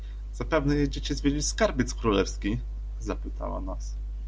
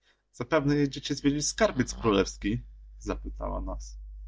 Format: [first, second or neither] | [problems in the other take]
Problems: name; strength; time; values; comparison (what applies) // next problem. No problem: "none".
first | noise reduction (neural mask model DeepFilterNet 3)